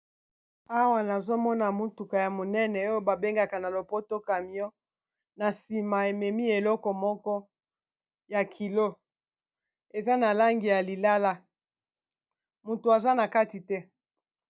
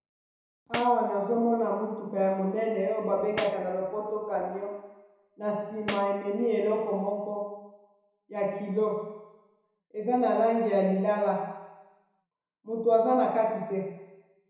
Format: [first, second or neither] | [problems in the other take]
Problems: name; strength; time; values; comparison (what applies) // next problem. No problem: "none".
first | background sound (Tambourine); 14 dB below the speech // room echo; dies away in 1 s